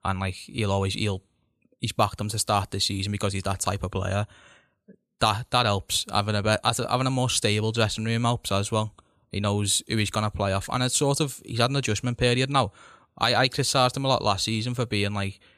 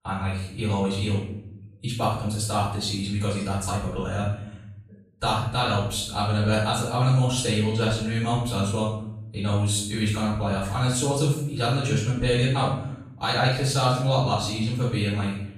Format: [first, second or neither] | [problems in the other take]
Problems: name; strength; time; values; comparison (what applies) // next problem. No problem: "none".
first | off-mic speech; far // room echo; noticeable; dies away in 0.8 s